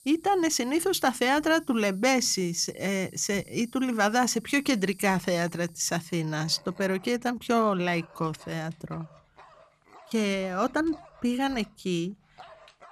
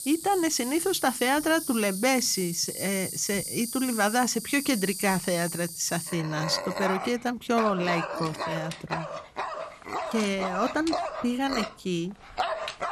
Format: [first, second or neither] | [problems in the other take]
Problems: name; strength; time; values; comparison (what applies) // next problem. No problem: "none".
first | animal sounds; loud; throughout; 6 dB below the speech; faint in the first